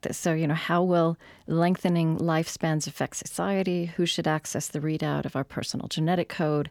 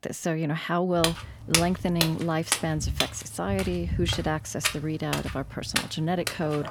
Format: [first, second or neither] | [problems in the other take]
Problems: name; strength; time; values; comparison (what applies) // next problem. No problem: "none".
first | footsteps; loud; from 1 s on; peak 4 dB above the speech